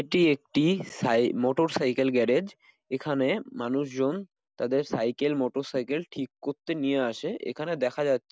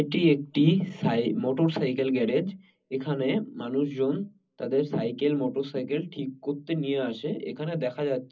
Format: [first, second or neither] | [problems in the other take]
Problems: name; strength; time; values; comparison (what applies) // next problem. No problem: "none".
first | room echo; dies away in 0.4 s